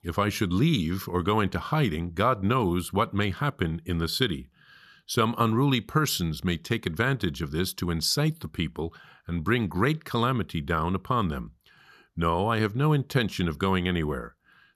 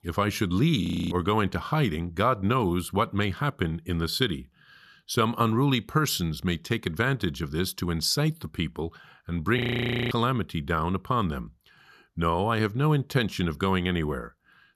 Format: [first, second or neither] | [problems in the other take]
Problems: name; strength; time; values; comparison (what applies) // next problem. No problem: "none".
first | audio freezing; at 1 s and at 9.5 s for 0.5 s